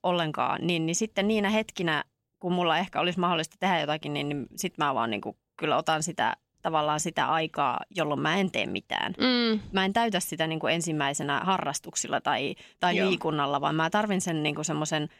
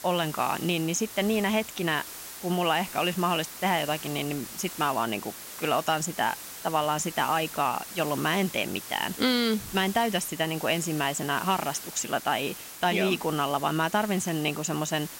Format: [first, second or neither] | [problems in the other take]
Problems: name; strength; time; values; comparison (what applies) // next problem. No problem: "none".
first | hiss; noticeable; throughout; 10 dB below the speech